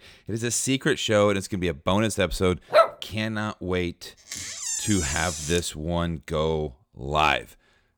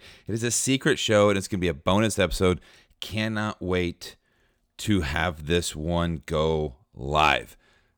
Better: second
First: dog barking; loud; at 2.5 s; peak 5 dB above the speech // door banging; noticeable; from 4.5 to 5.5 s; peak 1 dB below the speech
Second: none

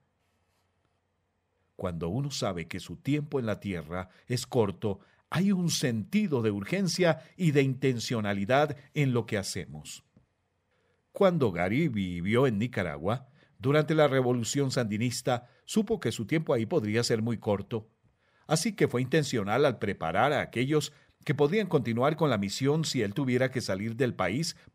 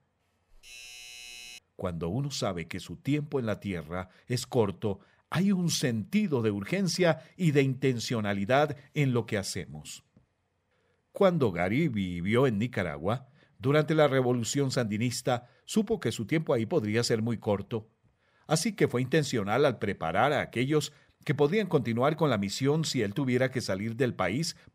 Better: first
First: none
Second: doorbell; faint; from 0.5 to 1.5 s; peak 15 dB below the speech

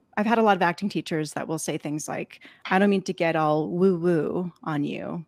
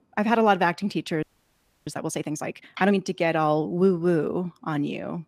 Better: first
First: none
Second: audio freezing; at 1 s for 0.5 s

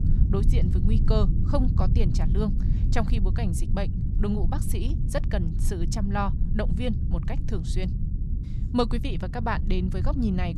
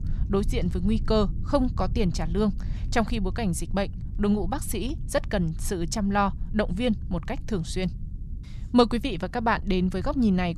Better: second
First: low rumble; loud; throughout; 8 dB below the speech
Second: low rumble; faint; throughout; 20 dB below the speech

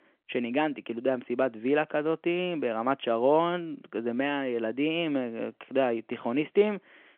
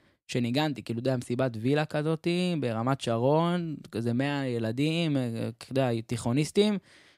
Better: second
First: phone-call audio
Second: none

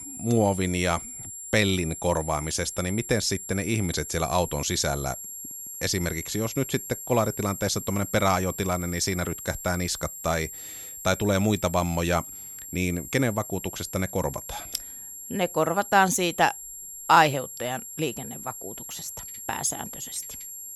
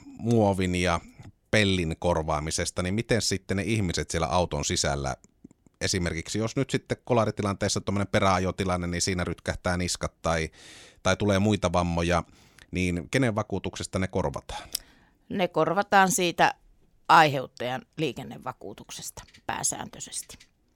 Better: second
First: high-pitched whine; loud; throughout; 7.5 kHz, 10 dB below the speech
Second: none

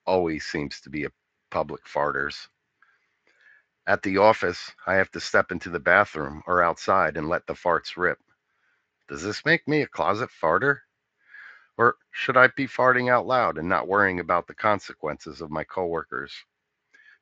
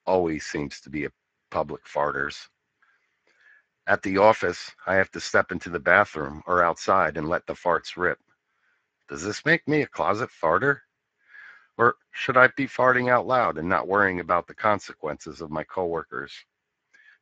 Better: first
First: garbled, watery; slightly; nothing above 7.5 kHz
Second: garbled, watery; badly; nothing above 7.5 kHz

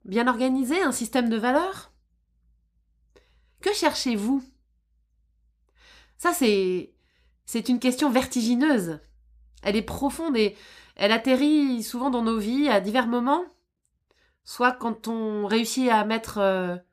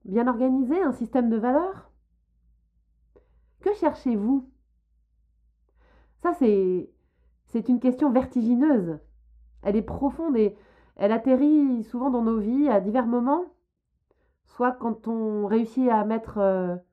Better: first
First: none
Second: muffled; very; fading above 2 kHz

